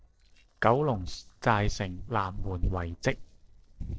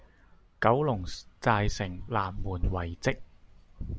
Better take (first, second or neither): second